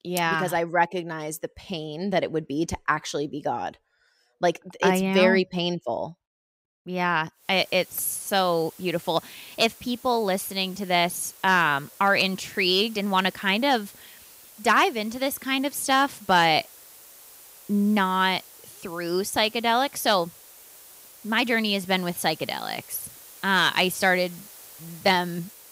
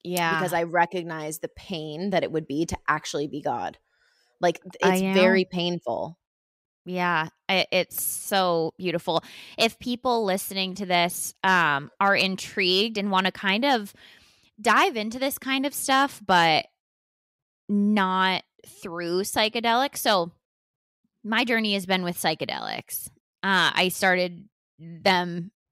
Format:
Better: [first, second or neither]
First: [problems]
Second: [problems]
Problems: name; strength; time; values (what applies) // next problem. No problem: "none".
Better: second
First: hiss; faint; from 7.5 s on; 20 dB below the speech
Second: none